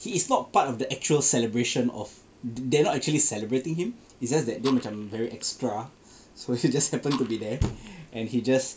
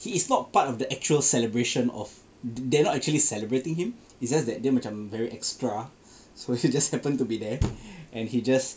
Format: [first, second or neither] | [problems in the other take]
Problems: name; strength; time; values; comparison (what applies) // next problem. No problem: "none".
second | background sound (Fire); 17 dB below the speech